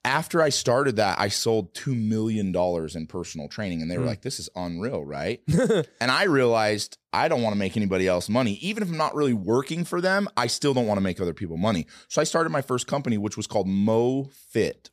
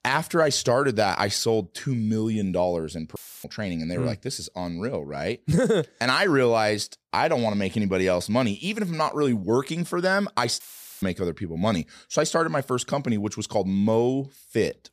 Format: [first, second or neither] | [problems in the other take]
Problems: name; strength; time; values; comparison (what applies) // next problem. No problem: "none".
first | audio cutting out; filled with static; at 3 s and at 11 s